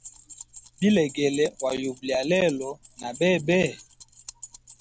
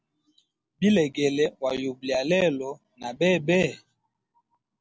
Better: second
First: background sound (Keys jangling); 19 dB below the speech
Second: none

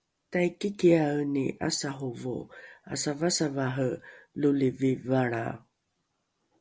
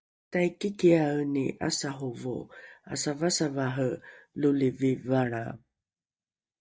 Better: first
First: none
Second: noise reduction (neural mask model DeepFilterNet 3)

